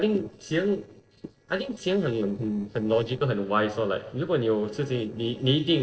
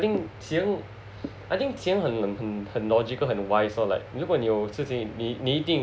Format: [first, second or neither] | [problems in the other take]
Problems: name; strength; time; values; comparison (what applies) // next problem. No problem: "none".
second | noise reduction (neural separator model SepFormer DNS4)